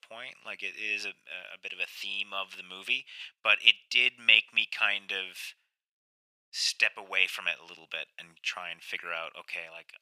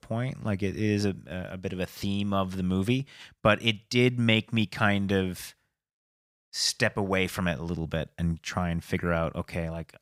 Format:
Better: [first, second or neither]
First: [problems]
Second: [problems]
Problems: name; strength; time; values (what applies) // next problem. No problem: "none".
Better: second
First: thin; very; fading below 800 Hz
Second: none